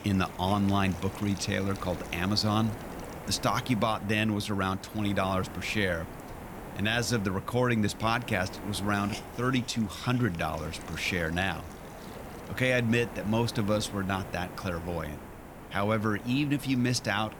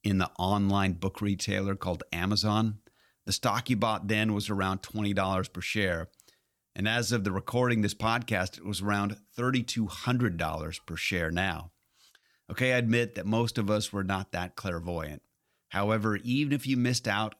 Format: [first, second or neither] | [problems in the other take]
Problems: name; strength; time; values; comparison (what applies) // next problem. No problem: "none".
second | hiss; noticeable; throughout; 15 dB below the speech